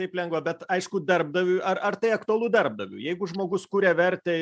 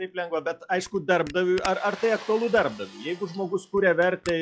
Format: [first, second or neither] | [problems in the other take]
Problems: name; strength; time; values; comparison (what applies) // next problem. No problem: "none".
first | noise reduction (classical method log-MMSE)